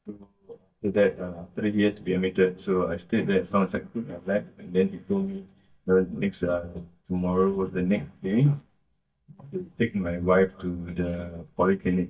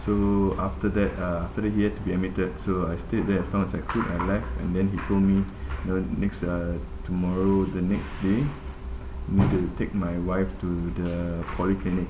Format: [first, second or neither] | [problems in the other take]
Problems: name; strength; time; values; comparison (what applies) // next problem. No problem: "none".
second | noise reduction (neural mask model DeepFilterNet 3)